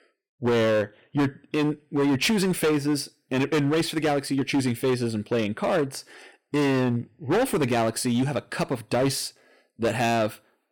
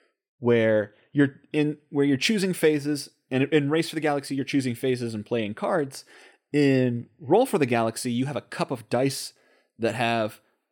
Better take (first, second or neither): second